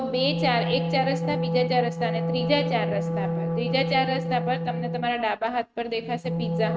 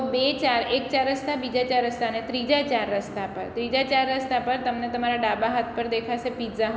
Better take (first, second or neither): second